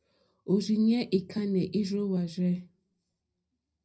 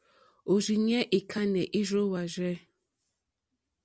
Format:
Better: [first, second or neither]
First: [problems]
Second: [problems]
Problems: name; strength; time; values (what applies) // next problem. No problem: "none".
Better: second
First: room echo; dies away in 0.3 s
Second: none